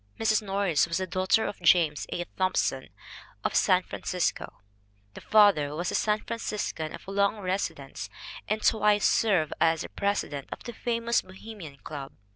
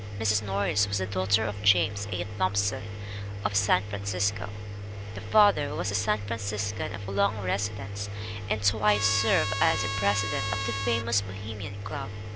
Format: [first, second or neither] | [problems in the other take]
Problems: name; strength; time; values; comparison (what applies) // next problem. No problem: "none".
first | background sound (Engine + Trumpet); 4 dB below the speech